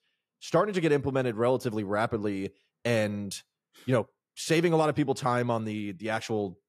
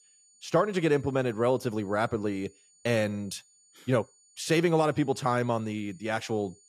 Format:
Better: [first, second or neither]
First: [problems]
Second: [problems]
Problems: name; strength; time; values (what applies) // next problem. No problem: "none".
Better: first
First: none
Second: high-pitched whine; faint; throughout; 7 kHz, 30 dB below the speech